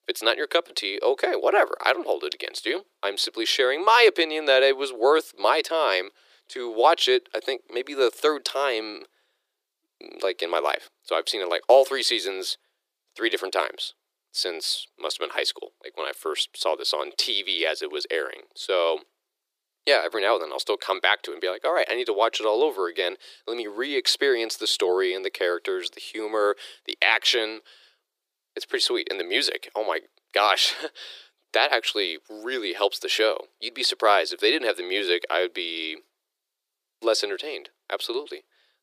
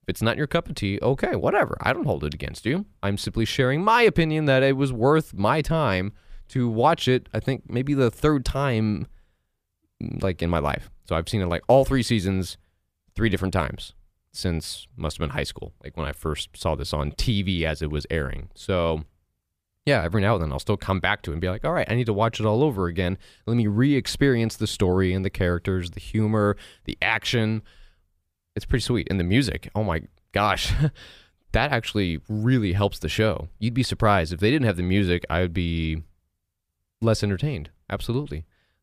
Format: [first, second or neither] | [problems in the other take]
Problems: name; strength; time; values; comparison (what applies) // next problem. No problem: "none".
second | thin; very; fading below 350 Hz